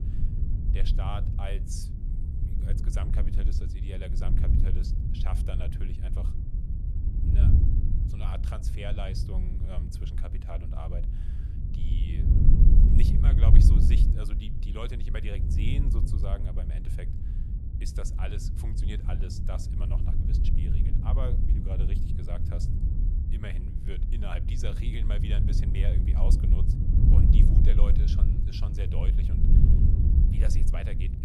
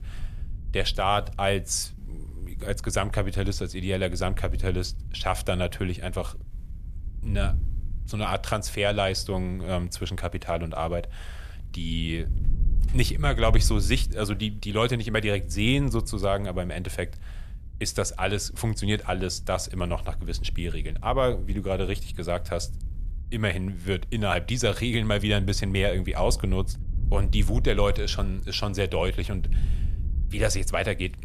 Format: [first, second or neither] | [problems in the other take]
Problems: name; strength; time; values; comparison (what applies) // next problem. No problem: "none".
second | wind noise on the microphone; heavy; as loud as the speech; occasional gusts in the second